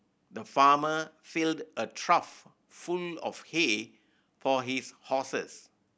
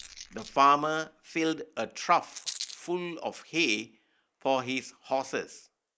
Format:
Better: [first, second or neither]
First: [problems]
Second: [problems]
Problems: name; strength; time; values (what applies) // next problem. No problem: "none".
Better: first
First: none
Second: noise reduction (neural mask model Resemble Enhance denoiser)